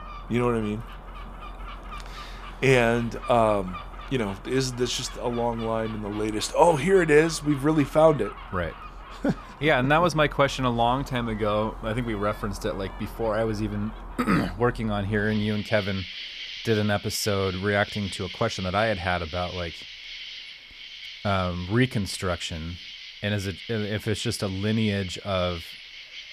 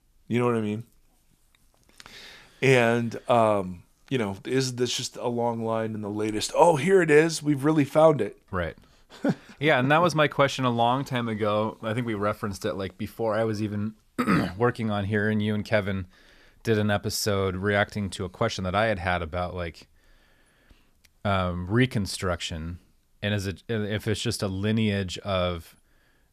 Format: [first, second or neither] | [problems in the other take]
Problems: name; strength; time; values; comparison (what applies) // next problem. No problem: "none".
second | animal sounds; noticeable; throughout; 15 dB below the speech